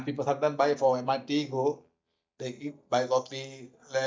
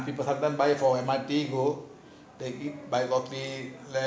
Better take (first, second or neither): second